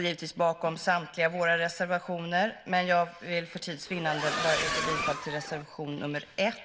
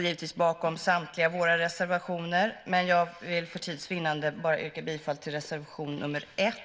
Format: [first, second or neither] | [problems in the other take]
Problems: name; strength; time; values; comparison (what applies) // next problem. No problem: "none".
second | background sound (Accelerating, revving, vroom); 2 dB below the speech